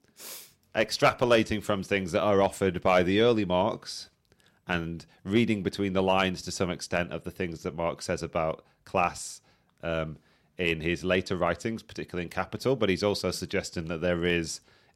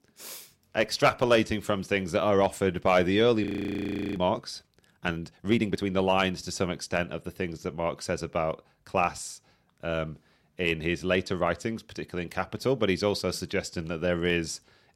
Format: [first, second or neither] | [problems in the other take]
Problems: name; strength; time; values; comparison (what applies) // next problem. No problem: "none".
first | audio freezing; at 3.5 s for 0.5 s